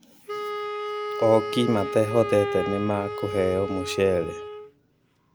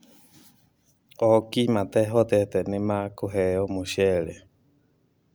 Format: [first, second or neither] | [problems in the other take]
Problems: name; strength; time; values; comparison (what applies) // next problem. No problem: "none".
second | background sound (Wind instrument, woodwind instrument); 6 dB below the speech